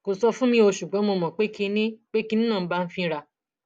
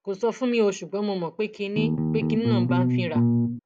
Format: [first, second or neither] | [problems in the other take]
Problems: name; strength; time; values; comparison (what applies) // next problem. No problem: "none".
first | background sound (Bass guitar); 5 dB above the speech